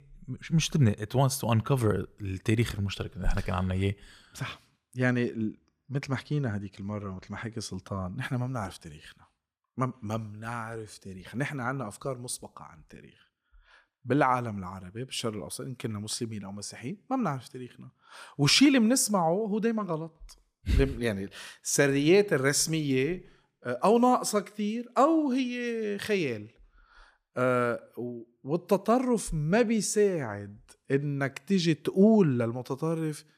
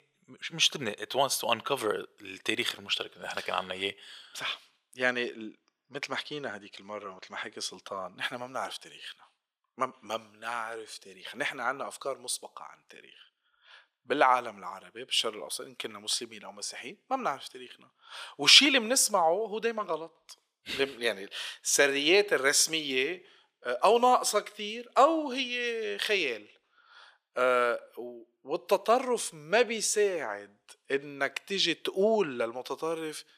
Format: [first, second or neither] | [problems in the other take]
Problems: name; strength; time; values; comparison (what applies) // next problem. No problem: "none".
first | thin; very; fading below 550 Hz